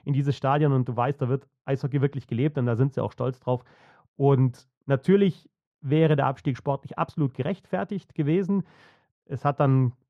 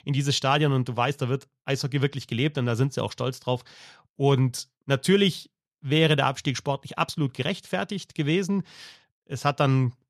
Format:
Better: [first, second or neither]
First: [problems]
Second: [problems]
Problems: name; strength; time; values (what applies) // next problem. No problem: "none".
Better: second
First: muffled; very; fading above 2.5 kHz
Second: none